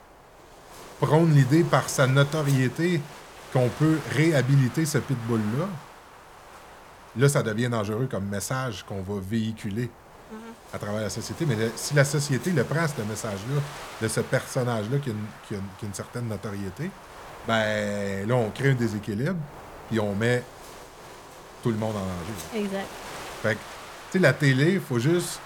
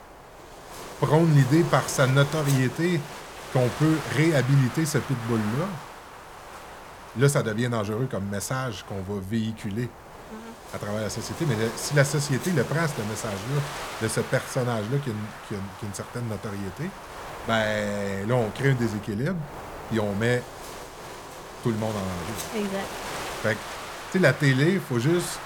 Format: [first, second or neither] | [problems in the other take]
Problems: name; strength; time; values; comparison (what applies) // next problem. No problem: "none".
first | wind noise on the microphone; heavy; 8 dB below the speech; occasional gusts in the first